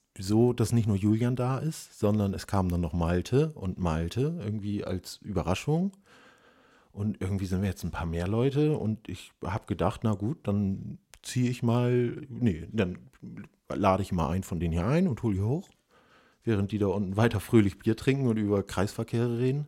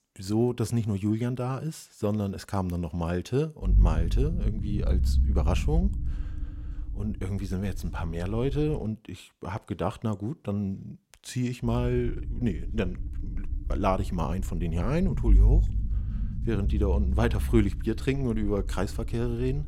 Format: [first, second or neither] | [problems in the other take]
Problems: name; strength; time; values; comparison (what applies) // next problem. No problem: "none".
first | low rumble; noticeable; from 3.5 to 9 s and from 12 s on; 15 dB below the speech